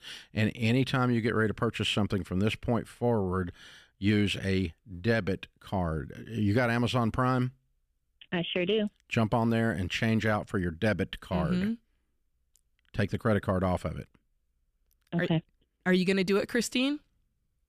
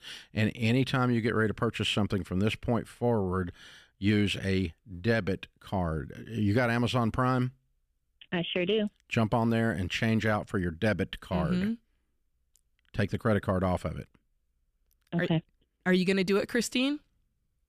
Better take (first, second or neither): neither